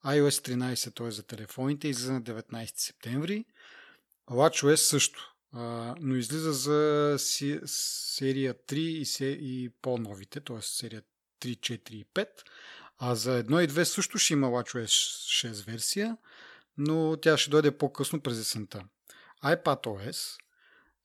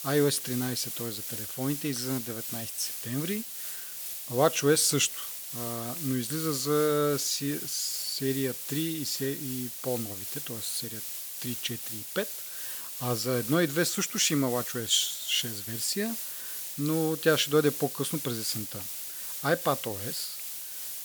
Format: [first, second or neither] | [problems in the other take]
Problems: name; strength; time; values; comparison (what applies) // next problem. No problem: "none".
first | hiss; loud; throughout; 5 dB below the speech